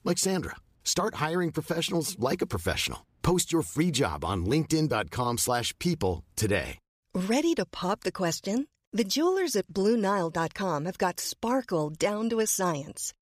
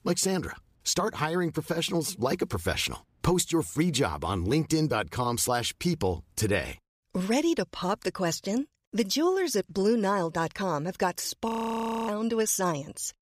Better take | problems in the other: first | audio freezing; at 11 s for 0.5 s

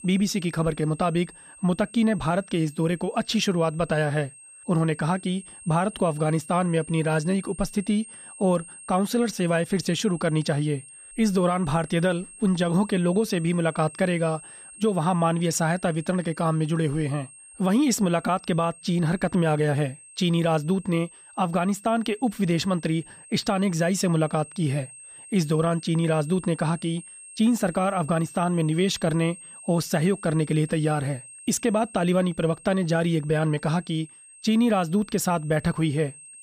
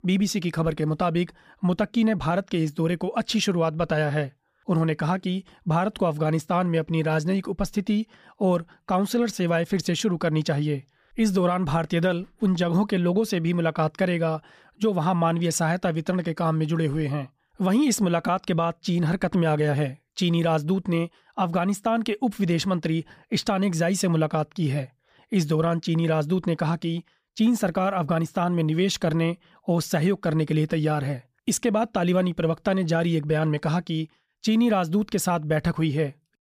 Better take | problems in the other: second | high-pitched whine; noticeable; throughout; 8.5 kHz, 20 dB below the speech

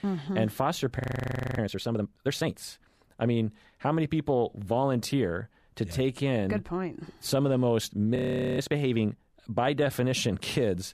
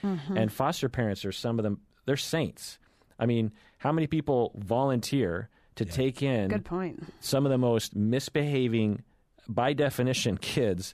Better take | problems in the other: second | audio freezing; at 1 s for 0.5 s and at 8 s

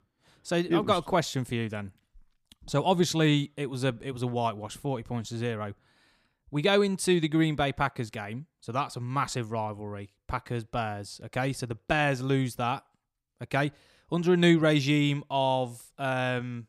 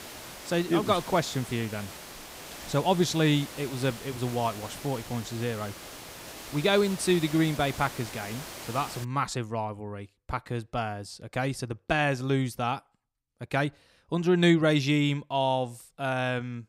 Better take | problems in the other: first | hiss; noticeable; until 9 s; 15 dB below the speech

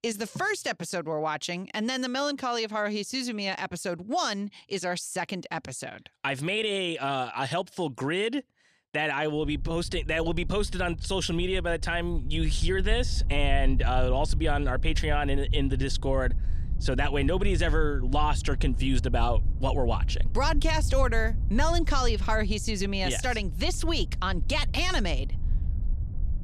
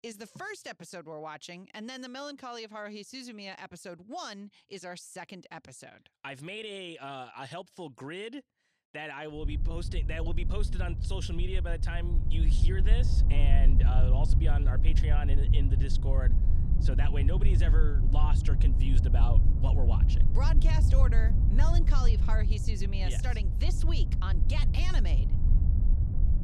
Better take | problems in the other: first | low rumble; loud; from 9.5 s on; 5 dB below the speech; faint in the first

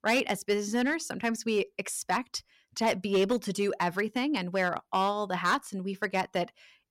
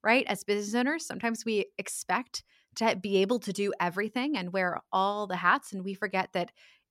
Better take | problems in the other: second | distortion; slight; 4% of the sound clipped

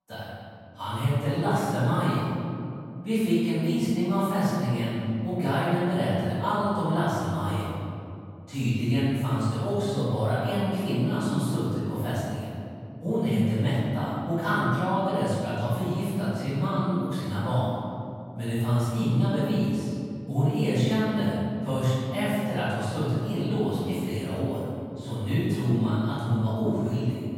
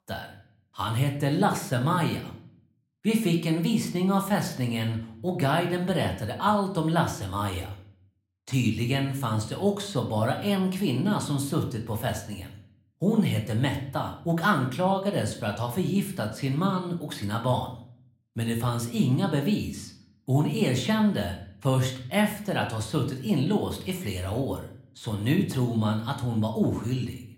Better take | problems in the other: second | room echo; strong; dies away in 2.6 s; slight in the second // off-mic speech; far

